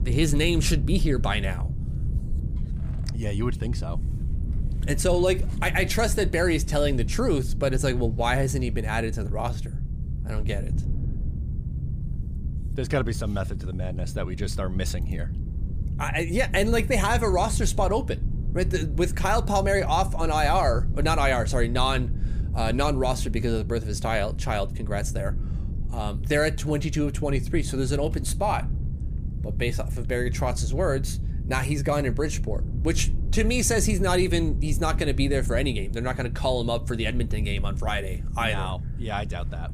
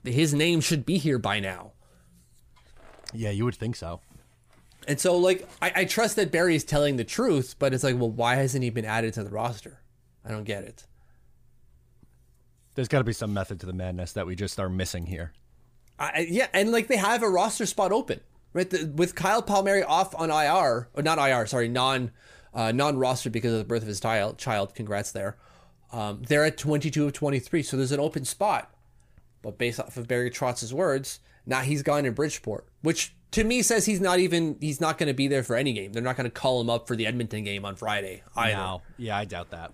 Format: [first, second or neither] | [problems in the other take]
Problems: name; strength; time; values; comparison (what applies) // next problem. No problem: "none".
second | low rumble; noticeable; throughout; 15 dB below the speech